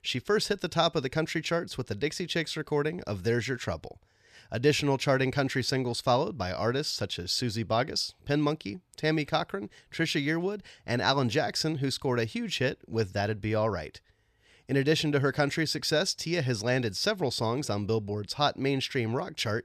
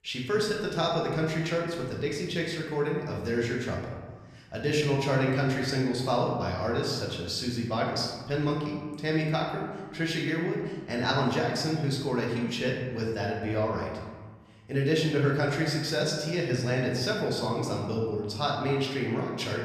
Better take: first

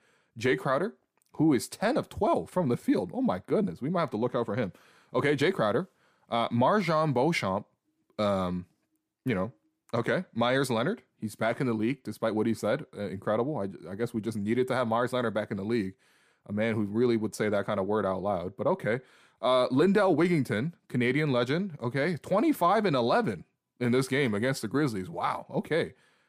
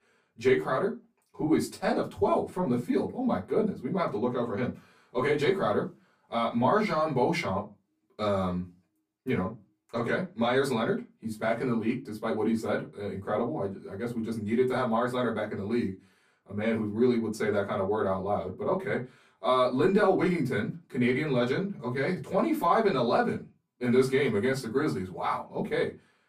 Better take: first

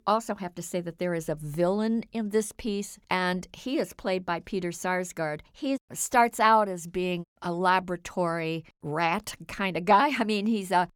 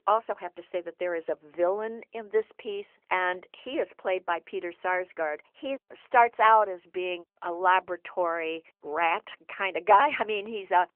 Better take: first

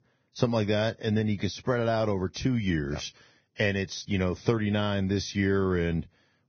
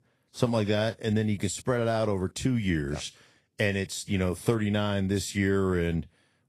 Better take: second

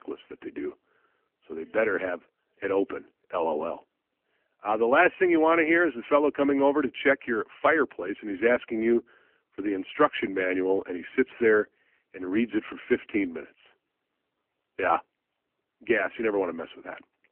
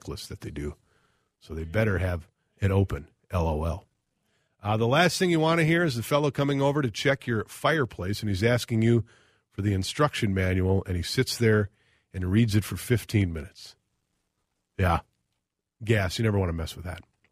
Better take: second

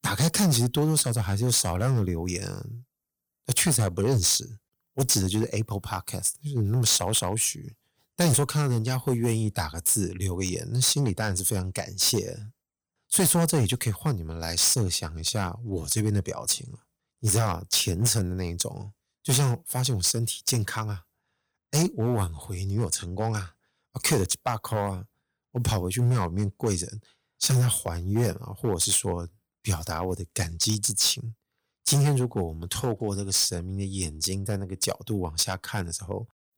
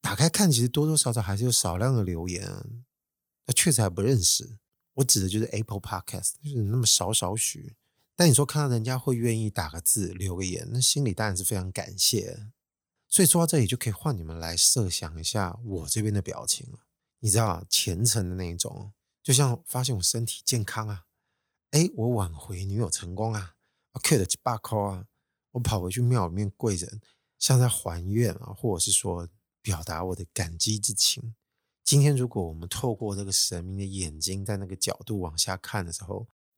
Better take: second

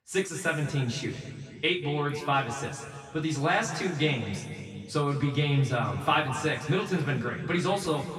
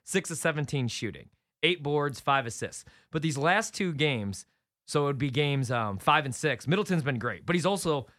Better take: second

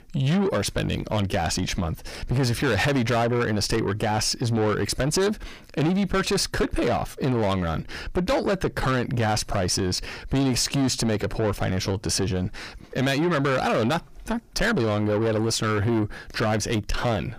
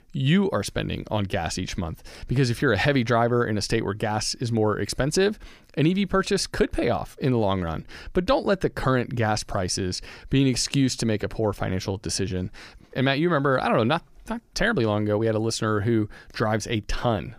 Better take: second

